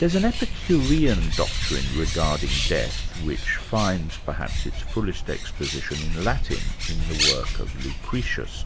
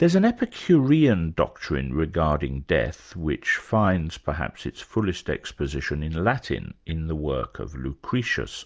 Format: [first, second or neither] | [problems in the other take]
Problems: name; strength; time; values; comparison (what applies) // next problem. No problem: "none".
second | background sound (Bird); 1 dB above the speech